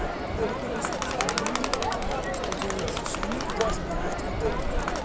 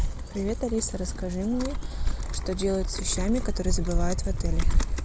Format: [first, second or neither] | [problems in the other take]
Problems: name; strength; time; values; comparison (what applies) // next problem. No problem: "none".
second | background sound (Crowd); 4 dB above the speech